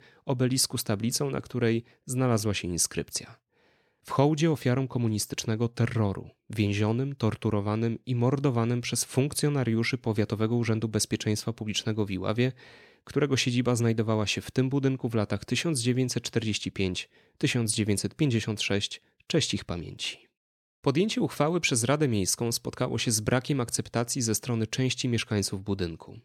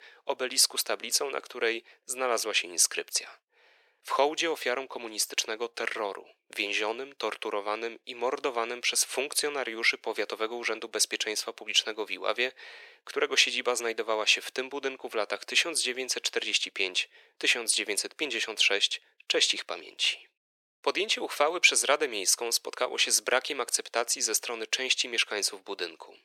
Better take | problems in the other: first | thin; very; fading below 450 Hz

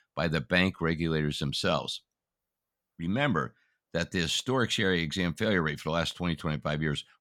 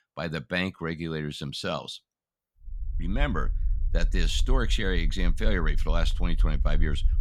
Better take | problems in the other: first | low rumble; faint; from 3 s on; 20 dB below the speech

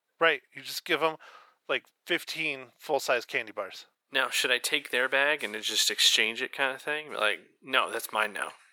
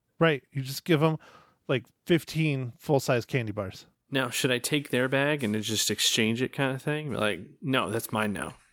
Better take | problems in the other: second | thin; very; fading below 600 Hz

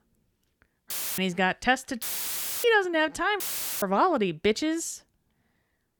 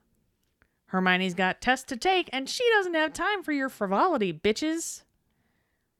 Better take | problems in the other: second | audio cutting out; filled with static; at 1 s, at 2 s for 0.5 s and at 3.5 s

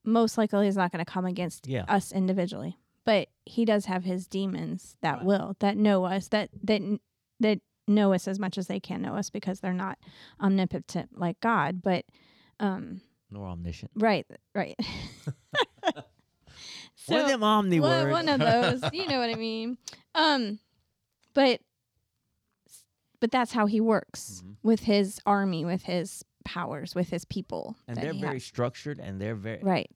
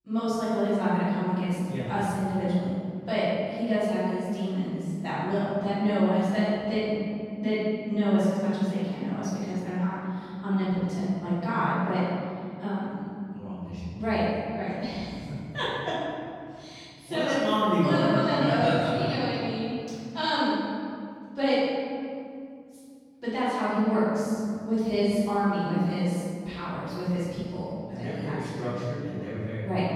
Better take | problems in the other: first | off-mic speech; far // room echo; strong; dies away in 2.3 s

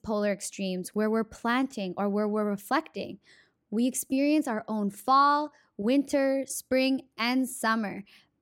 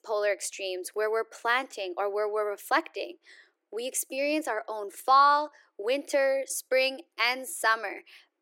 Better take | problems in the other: first | thin; very; fading below 350 Hz

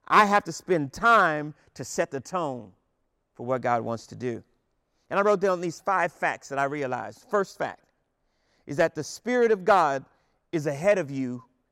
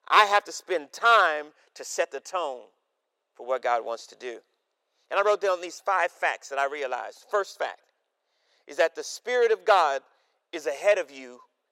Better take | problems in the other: first | thin; very; fading below 450 Hz

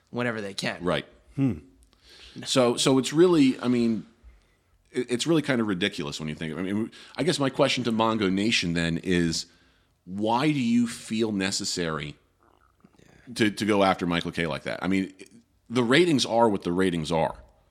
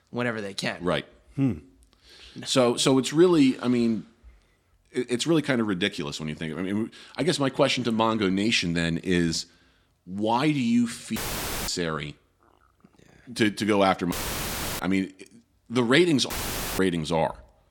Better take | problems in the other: first | audio cutting out; filled with static; at 11 s for 0.5 s, at 14 s for 0.5 s and at 16 s

